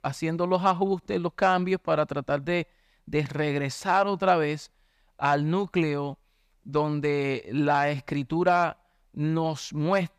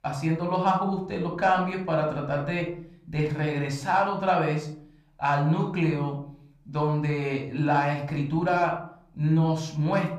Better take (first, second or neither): first